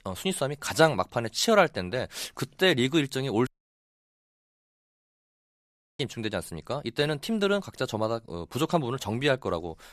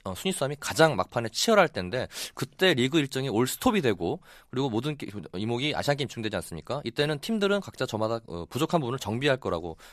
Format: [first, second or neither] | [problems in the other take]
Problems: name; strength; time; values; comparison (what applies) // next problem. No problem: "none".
second | audio cutting out; at 3.5 s for 2.5 s